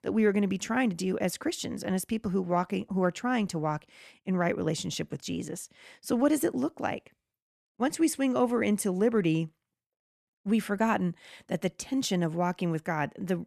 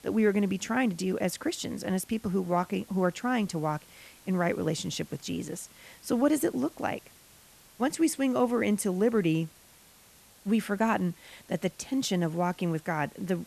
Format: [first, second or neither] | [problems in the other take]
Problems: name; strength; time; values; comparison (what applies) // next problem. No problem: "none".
first | hiss; faint; throughout; 25 dB below the speech